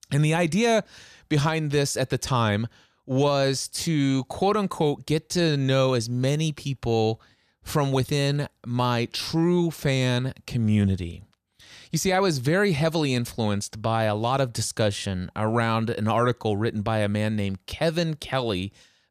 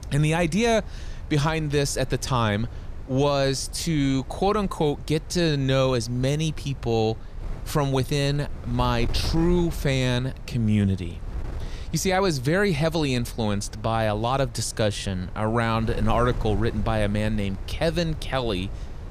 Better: first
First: none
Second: wind noise on the microphone; occasional gusts; 20 dB below the speech

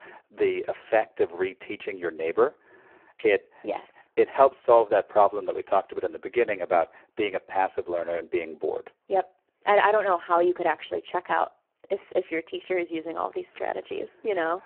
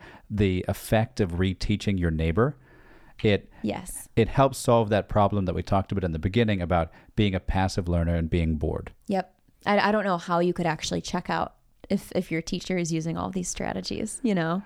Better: second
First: phone-call audio; poor line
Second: none

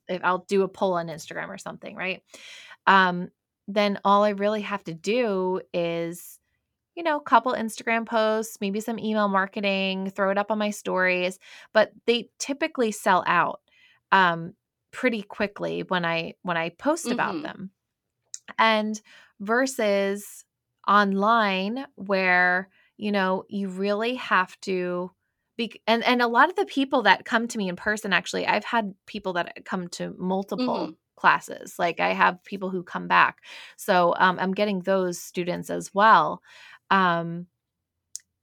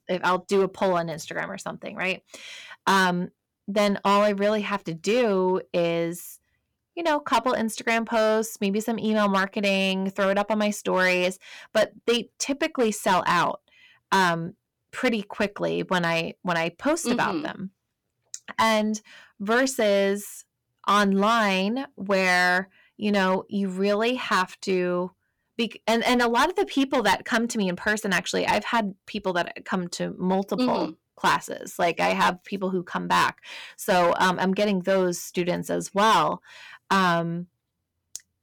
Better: first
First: none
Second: distortion; heavy; 6% of the sound clipped

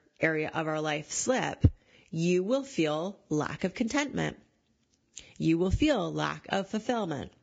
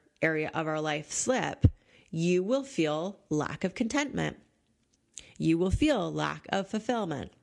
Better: second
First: garbled, watery; badly; nothing above 7.5 kHz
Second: garbled, watery; slightly

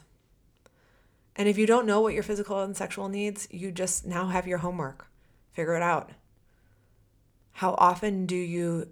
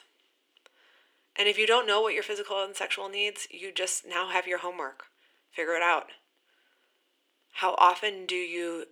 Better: first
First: none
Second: thin; very; fading below 300 Hz

